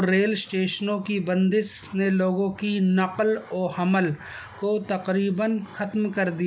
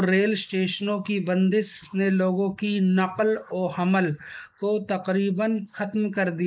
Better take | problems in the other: first | noise reduction (neural mask model Resemble Enhance denoiser)

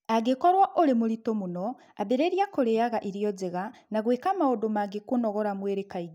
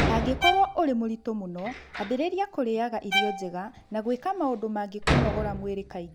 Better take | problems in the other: first | background sound (Door + Bowed string instrument); 2 dB below the speech

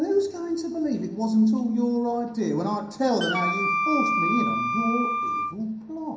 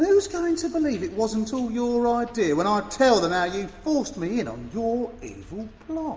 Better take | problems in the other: second | background sound (Wind instrument, woodwind instrument); 1 dB below the speech // room echo; dies away in 0.6 s

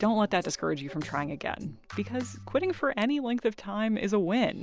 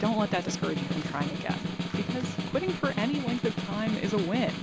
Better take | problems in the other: first | background sound (Snare drum); 1 dB below the speech

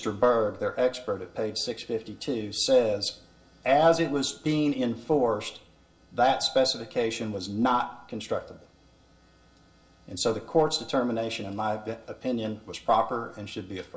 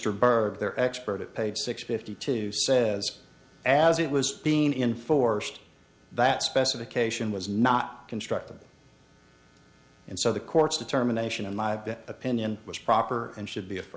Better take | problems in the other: second | room echo; dies away in 0.2 s

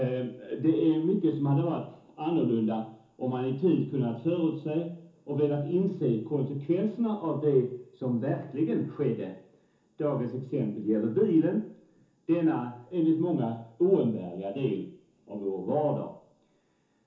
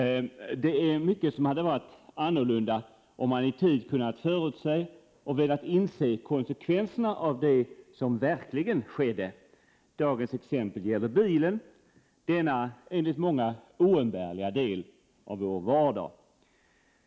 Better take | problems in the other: second | room echo; dies away in 0.7 s

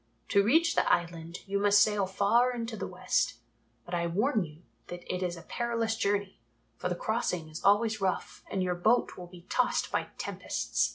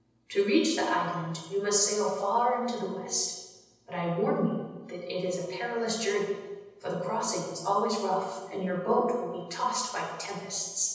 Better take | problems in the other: first | room echo; dies away in 1.1 s

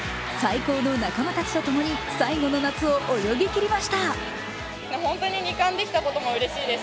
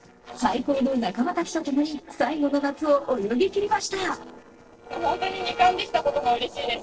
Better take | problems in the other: first | noise reduction (neural separator model SepFormer DNS4)

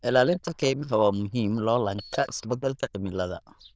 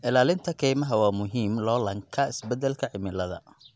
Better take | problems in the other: second | noise reduction (neural diffusion model UNIVERSE++)

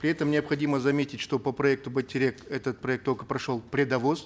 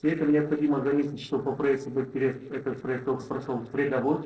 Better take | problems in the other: first | noise reduction (neural separator model SepFormer DNS4)

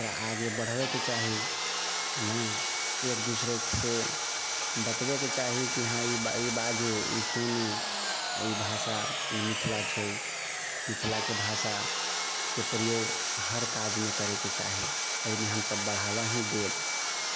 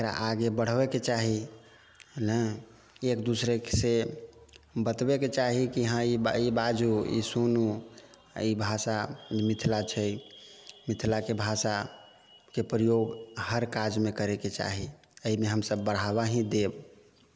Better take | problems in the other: second | background sound (Sawing); 3 dB above the speech

